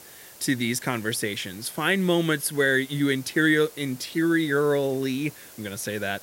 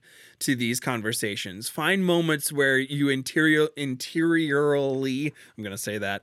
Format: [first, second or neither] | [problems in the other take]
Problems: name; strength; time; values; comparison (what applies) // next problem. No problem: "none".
second | hiss; noticeable; throughout; 20 dB below the speech